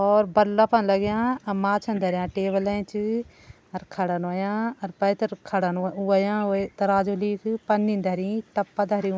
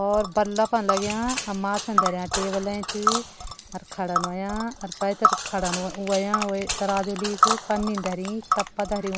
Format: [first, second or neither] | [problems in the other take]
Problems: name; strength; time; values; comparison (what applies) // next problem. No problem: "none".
first | background sound (Tick); 1 dB below the speech